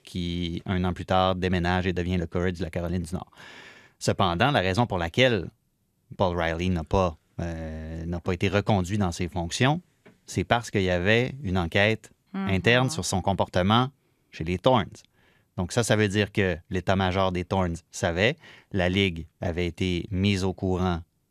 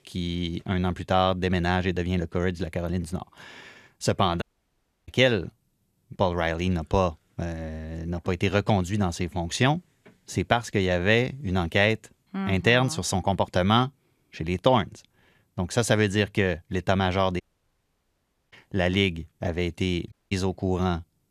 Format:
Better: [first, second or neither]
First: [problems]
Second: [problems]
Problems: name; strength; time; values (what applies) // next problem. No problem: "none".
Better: first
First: none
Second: audio cutting out; at 4.5 s for 0.5 s, at 17 s for 1 s and at 20 s